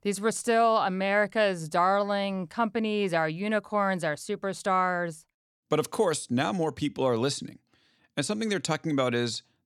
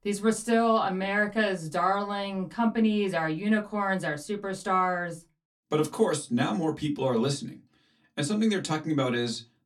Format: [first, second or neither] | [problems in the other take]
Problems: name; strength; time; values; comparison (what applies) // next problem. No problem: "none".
first | off-mic speech; far // room echo; very slight; dies away in 0.2 s